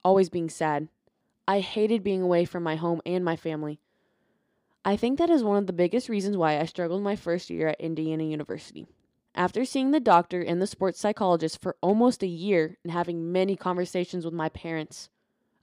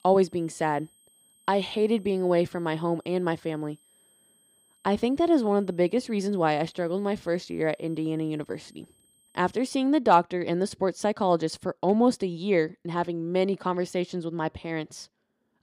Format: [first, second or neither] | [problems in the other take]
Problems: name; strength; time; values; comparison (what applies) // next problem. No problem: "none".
first | high-pitched whine; faint; until 9.5 s; 8.5 kHz, 35 dB below the speech